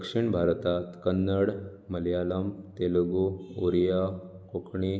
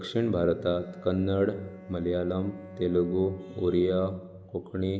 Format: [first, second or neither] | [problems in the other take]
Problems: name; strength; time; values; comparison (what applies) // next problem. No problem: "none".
first | background sound (Bowed string instrument); 19 dB below the speech